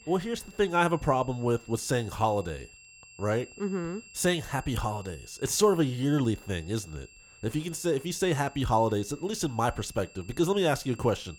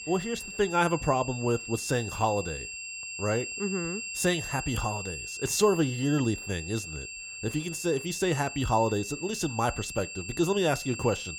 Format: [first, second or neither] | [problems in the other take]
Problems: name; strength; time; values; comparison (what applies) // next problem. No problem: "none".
first | high-pitched whine; loud; throughout; 2.5 kHz, 8 dB below the speech; faint in the first